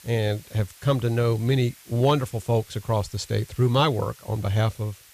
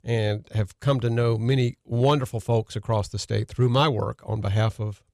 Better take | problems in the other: second | hiss; faint; throughout; 25 dB below the speech

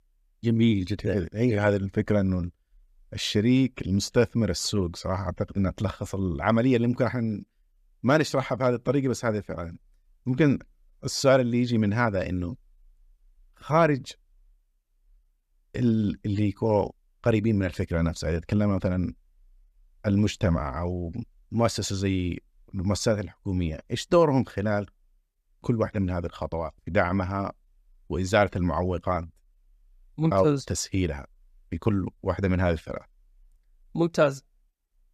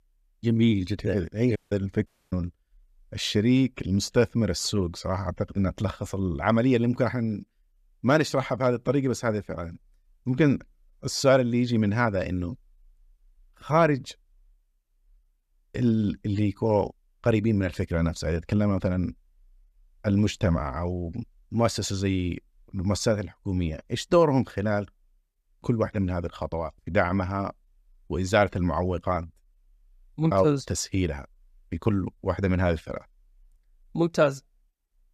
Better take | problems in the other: first | audio cutting out; at 1.5 s and at 2 s

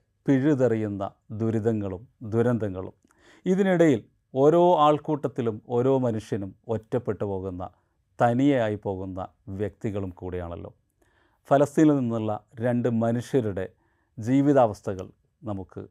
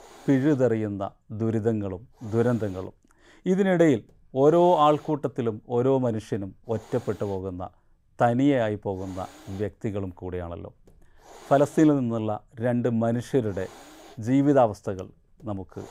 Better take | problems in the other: first | hiss; faint; throughout; 25 dB below the speech

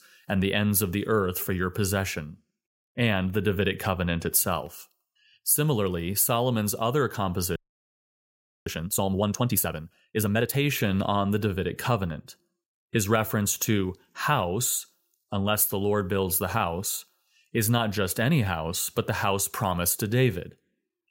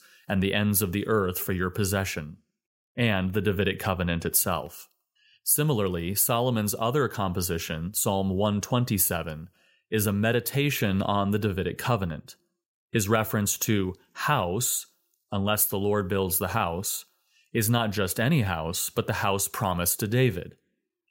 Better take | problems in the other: second | audio freezing; at 7.5 s for 1 s

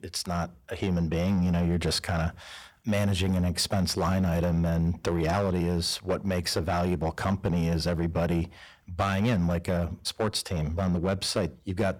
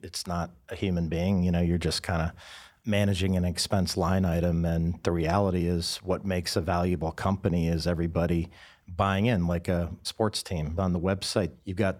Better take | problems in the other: second | distortion; slight; 7% of the sound clipped

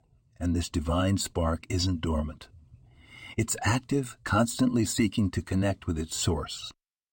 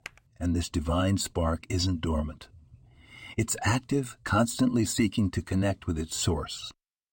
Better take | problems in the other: first | keyboard typing; very faint; at the start; peak 15 dB below the speech

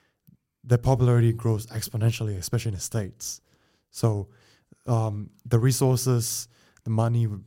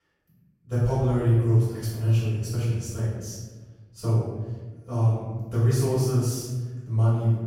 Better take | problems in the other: first | room echo; strong; dies away in 1.4 s // off-mic speech; far

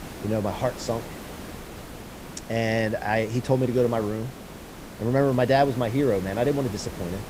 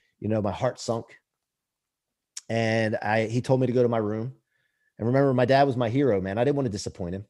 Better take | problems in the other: second | hiss; noticeable; throughout; 15 dB below the speech

